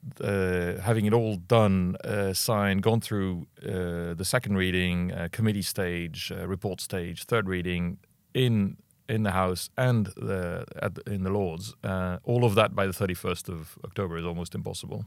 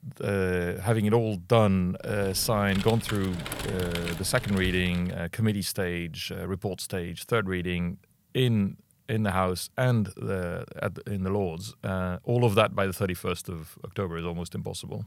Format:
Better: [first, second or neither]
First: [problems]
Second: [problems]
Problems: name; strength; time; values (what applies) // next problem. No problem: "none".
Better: first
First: none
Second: keyboard typing; noticeable; from 2 to 5 s; peak 7 dB below the speech